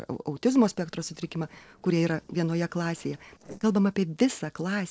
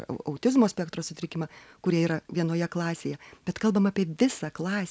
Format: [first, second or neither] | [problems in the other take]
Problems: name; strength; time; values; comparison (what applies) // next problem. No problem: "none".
second | noise reduction (neural separator model SepFormer DNS4)